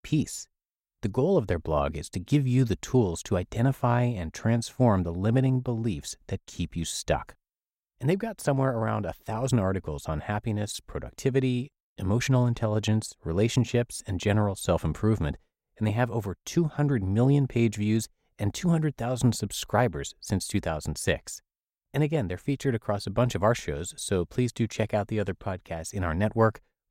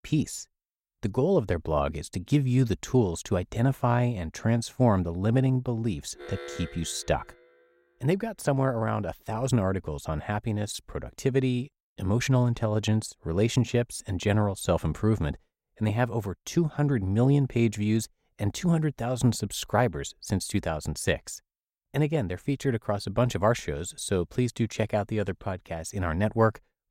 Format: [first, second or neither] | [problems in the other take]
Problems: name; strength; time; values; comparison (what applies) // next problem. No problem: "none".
first | alarm; faint; from 6 to 7.5 s; peak 10 dB below the speech